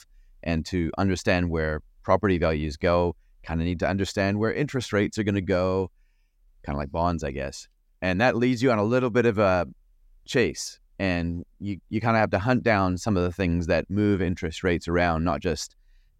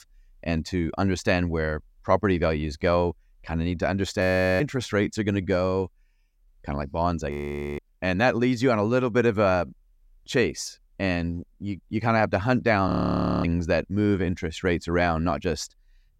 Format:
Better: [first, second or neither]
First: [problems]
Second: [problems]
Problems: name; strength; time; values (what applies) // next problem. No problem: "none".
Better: first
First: none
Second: audio freezing; at 4 s, at 7.5 s and at 13 s for 0.5 s